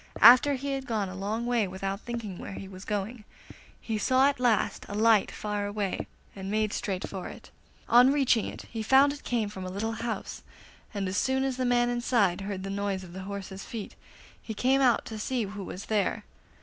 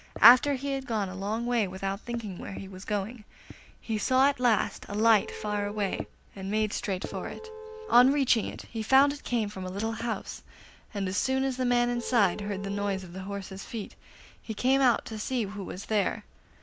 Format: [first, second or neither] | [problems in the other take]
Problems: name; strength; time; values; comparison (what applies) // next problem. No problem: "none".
first | background sound (Vehicle horn, car horn, honking); 14 dB below the speech